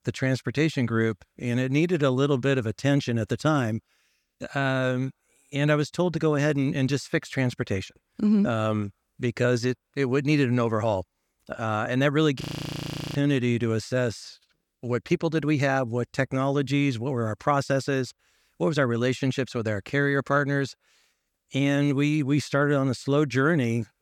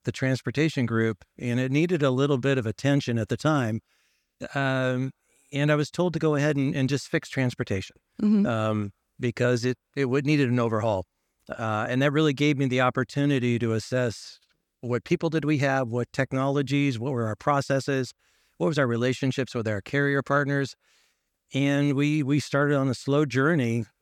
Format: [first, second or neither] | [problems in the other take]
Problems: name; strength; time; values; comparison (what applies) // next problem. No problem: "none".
second | audio freezing; at 12 s for 0.5 s